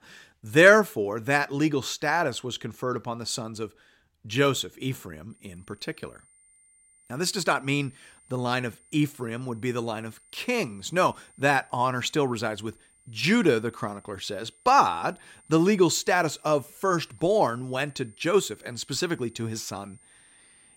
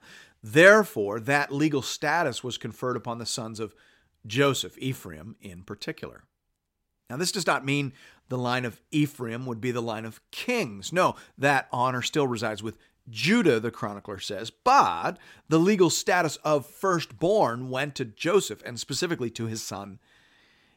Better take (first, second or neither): second